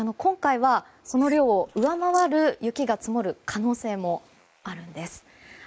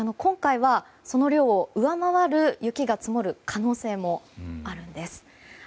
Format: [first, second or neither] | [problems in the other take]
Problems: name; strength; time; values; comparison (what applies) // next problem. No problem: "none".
second | noise reduction (neural mask model Resemble Enhance denoiser)